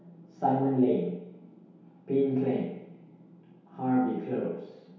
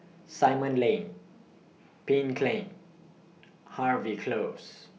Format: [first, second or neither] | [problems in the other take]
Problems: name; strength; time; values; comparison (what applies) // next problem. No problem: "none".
second | room echo; dies away in 0.8 s